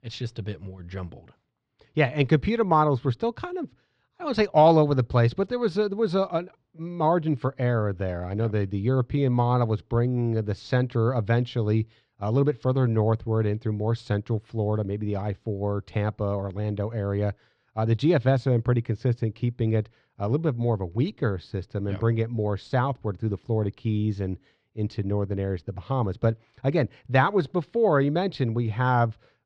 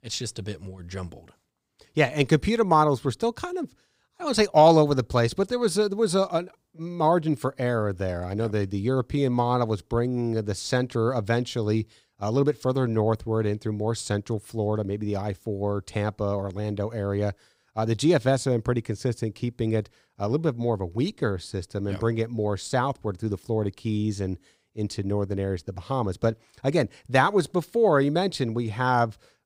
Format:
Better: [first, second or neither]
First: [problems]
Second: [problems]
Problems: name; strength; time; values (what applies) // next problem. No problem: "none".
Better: second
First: muffled; slightly; fading above 3.5 kHz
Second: none